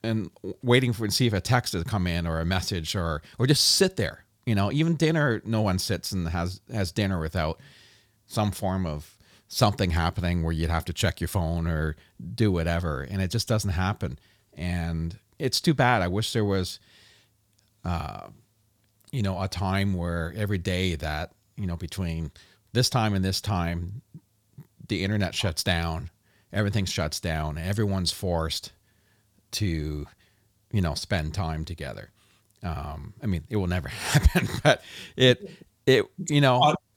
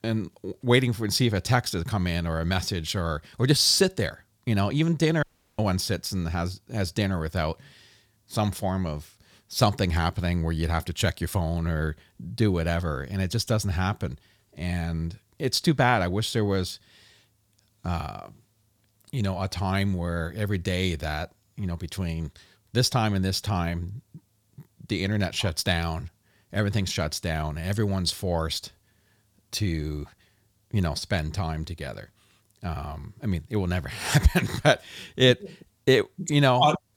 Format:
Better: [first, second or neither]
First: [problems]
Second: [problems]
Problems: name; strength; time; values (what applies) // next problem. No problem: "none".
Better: first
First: none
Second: audio cutting out; at 5 s